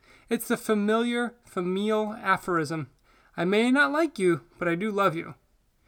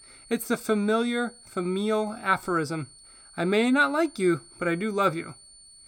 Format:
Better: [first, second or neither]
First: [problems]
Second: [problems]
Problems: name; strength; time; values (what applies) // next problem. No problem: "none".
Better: first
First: none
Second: high-pitched whine; faint; throughout; 9 kHz, 20 dB below the speech